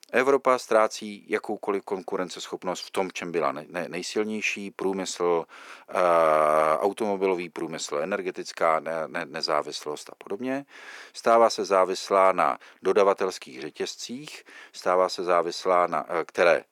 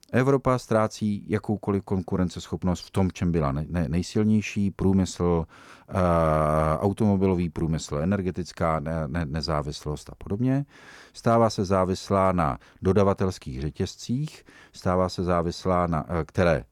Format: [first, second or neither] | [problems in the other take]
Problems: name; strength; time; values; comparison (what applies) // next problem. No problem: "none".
second | thin; very; fading below 350 Hz